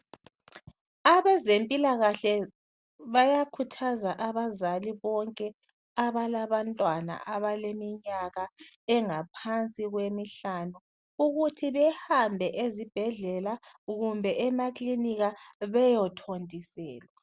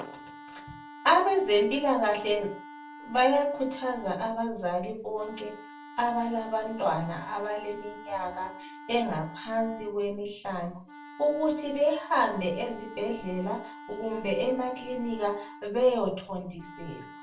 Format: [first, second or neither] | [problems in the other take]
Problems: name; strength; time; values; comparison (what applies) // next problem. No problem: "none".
first | background sound (Wind instrument, woodwind instrument); 17 dB below the speech // room echo; dies away in 0.3 s